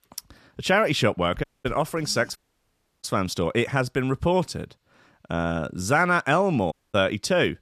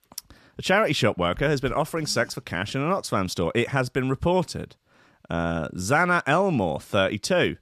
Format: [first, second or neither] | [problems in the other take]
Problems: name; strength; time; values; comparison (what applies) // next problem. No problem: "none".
second | audio cutting out; at 1.5 s, at 2.5 s for 0.5 s and at 6.5 s